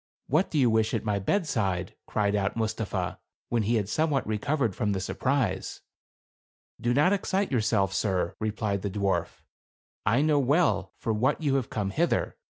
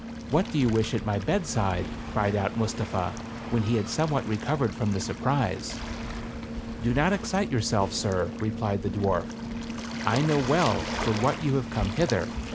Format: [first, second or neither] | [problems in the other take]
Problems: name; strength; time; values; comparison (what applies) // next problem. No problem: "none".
first | background sound (Waves, surf); 7 dB below the speech